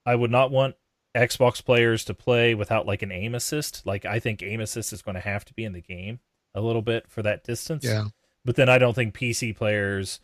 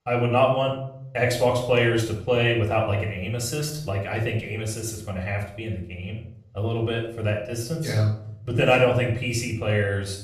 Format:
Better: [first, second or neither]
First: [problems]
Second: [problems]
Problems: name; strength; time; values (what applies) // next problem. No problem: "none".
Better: first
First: none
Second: off-mic speech; somewhat distant // room echo; noticeable; dies away in 0.6 s